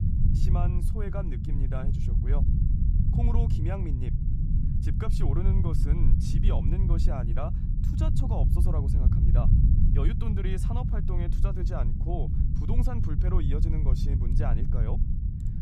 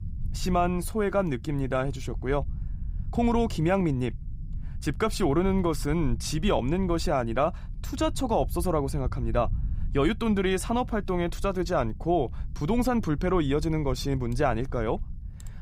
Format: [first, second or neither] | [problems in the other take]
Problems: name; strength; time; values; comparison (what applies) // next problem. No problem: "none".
second | low rumble; loud; throughout; 1 dB below the speech; faint in the second